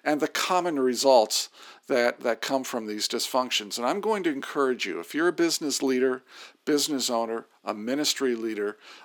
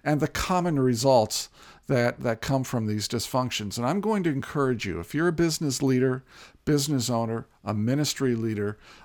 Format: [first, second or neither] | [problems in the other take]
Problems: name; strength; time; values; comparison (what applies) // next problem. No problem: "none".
second | thin; very slightly; fading below 300 Hz